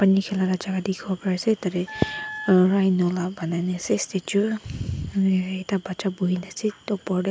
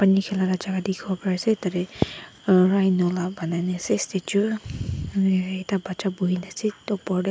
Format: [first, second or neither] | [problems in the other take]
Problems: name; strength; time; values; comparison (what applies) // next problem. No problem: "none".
second | background sound (Wind instrument, woodwind instrument); 12 dB below the speech